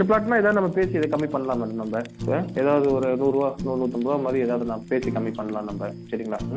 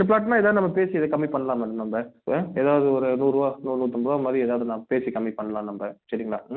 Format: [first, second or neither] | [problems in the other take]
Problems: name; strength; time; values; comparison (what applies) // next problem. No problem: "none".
second | background sound (Fire); 11 dB below the speech